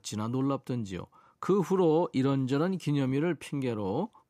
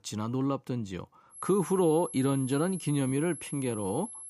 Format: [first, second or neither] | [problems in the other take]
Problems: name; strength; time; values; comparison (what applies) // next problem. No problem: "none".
first | high-pitched whine; noticeable; from 1.5 s on; 11 kHz, 10 dB below the speech